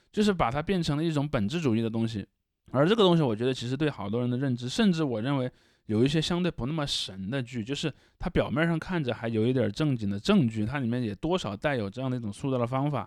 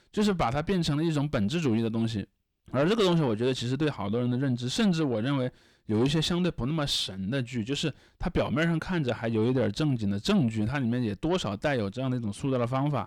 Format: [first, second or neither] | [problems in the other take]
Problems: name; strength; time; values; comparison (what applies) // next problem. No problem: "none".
first | distortion; slight; 10 dB below the speech